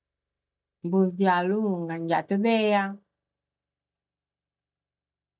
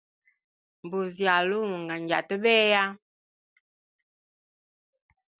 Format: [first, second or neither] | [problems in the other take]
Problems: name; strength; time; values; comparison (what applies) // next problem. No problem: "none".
second | noise reduction (neural mask model DeepFilterNet 3)